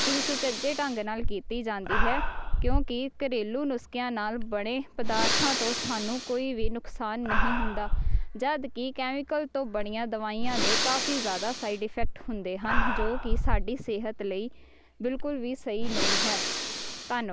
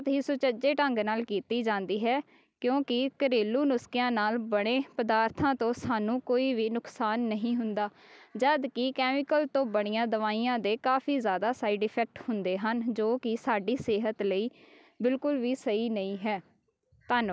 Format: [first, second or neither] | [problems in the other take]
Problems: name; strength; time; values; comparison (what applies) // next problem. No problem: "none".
second | background sound (Breathing); 3 dB above the speech